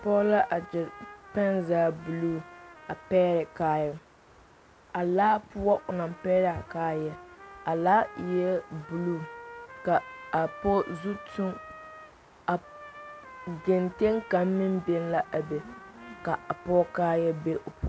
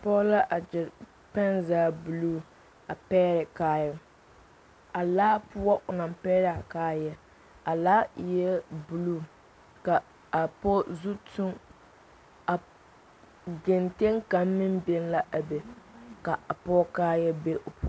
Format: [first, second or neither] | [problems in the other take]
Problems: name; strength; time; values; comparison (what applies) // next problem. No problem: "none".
second | background sound (Trumpet); 19 dB below the speech